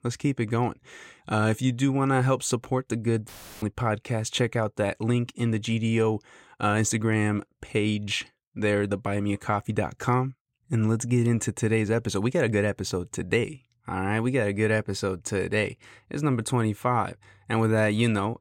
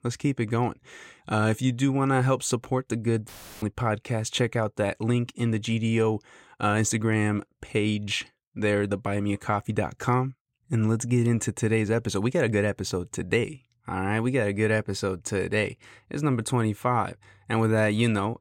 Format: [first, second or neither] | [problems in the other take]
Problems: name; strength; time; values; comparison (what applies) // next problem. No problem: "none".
neither | audio cutting out; filled with static; at 3.5 s; the same in both